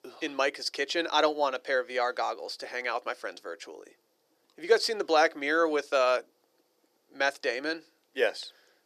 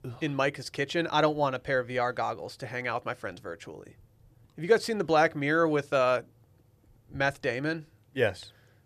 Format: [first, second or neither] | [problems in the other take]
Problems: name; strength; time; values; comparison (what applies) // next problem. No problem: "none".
second | thin; somewhat; fading below 350 Hz